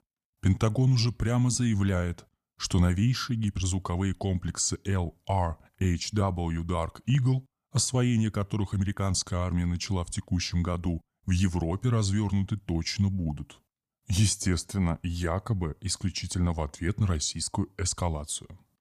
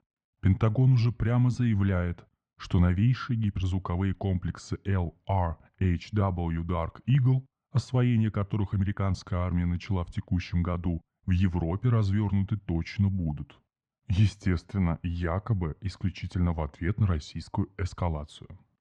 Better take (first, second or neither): first